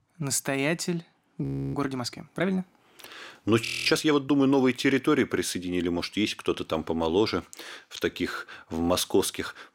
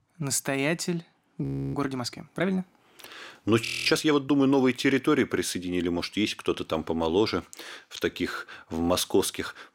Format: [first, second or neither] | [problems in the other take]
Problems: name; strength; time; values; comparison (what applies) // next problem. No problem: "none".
neither | audio freezing; at 1.5 s and at 3.5 s; the same in both